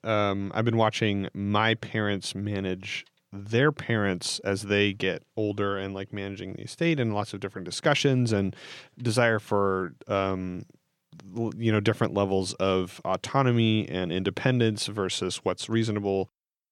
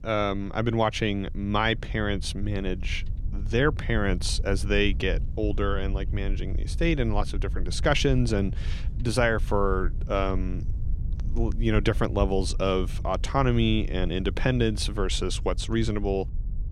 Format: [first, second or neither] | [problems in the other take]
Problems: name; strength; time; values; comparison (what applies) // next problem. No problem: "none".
first | low rumble; faint; throughout; 20 dB below the speech